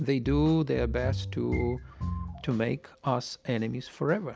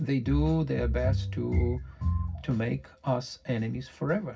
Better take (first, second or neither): first